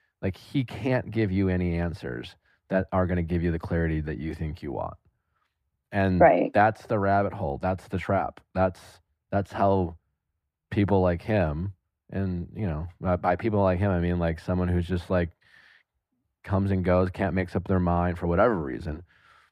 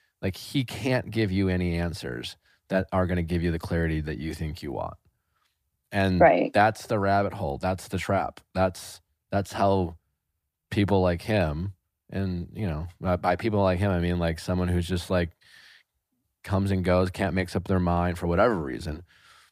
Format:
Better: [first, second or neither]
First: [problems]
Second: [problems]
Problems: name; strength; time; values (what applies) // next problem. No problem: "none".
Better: second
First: muffled; slightly; fading above 3 kHz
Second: none